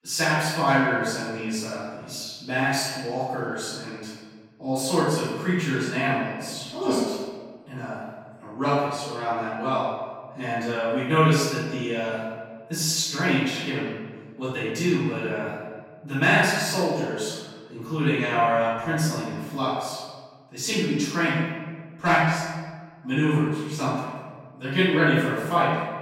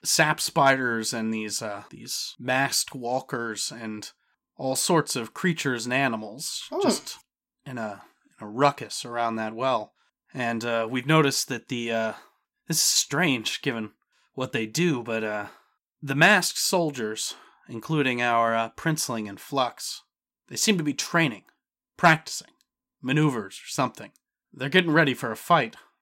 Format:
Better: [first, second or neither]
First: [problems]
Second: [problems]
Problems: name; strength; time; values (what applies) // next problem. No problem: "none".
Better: second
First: off-mic speech; far // room echo; strong; dies away in 1.4 s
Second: none